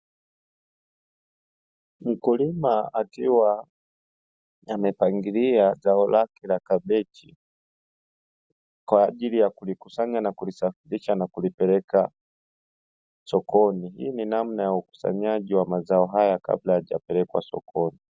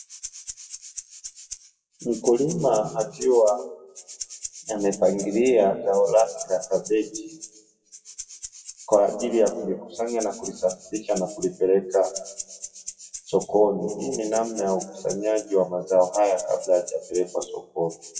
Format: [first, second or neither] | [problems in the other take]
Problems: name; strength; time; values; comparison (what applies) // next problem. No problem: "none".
first | noise reduction (classical method WPE with log-MMSE)